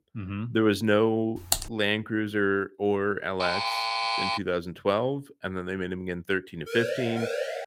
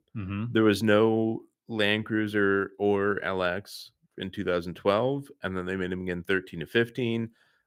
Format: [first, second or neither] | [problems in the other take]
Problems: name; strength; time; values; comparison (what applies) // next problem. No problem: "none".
second | keyboard typing; noticeable; at 1.5 s; peak level with the speech // alarm; loud; at 3.5 s; peak 2 dB above the speech // siren; noticeable; at 6.5 s; peak 3 dB below the speech